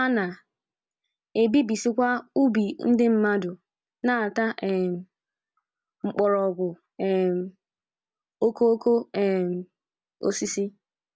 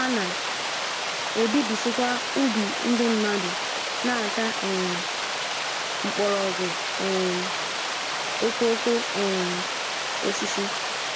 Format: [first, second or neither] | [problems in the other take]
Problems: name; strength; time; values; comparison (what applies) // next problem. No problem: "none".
first | background sound (Water); as loud as the speech